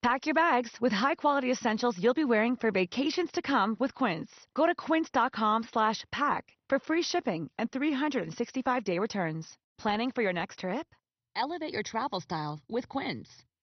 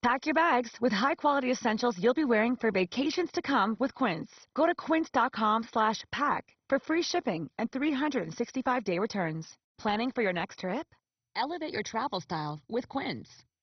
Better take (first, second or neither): first